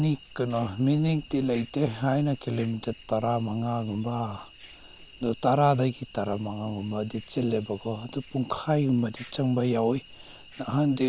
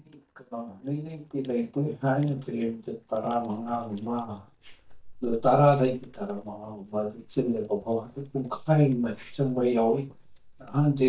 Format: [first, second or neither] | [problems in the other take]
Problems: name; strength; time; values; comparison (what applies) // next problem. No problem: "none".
first | noise reduction (neural mask model DeepFilterNet 3)